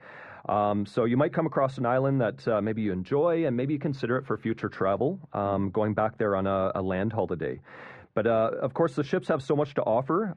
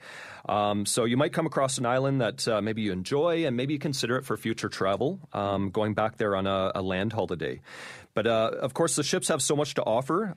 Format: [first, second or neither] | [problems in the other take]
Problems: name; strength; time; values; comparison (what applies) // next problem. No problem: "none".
second | muffled; very; fading above 1.5 kHz